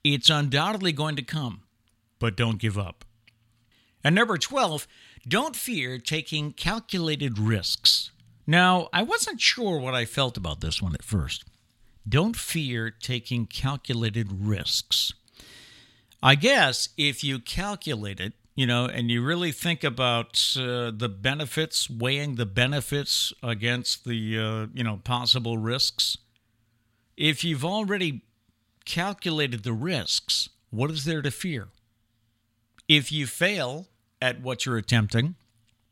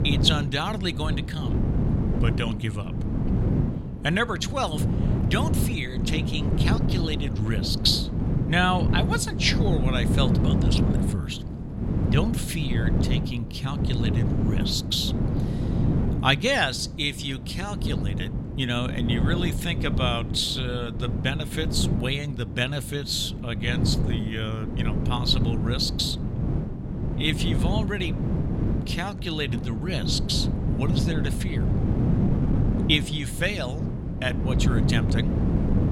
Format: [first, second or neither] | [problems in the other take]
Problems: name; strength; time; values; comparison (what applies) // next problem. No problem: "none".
first | wind noise on the microphone; heavy; 7 dB below the speech